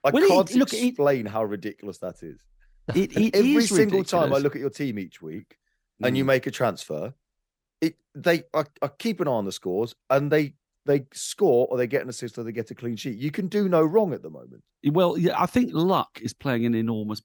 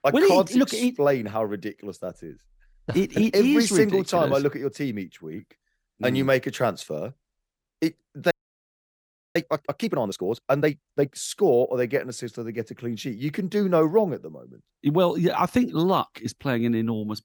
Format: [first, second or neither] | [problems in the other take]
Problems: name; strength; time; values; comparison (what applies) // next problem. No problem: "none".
first | audio freezing; at 8.5 s for 1 s